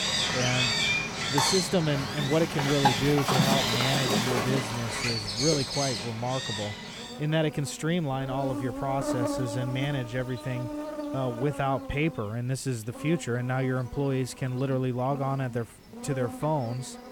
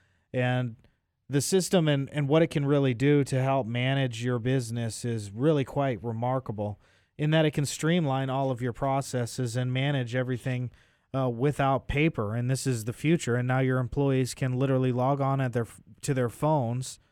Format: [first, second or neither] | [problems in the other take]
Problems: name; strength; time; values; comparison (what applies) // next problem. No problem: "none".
second | animal sounds; very loud; throughout; 1 dB above the speech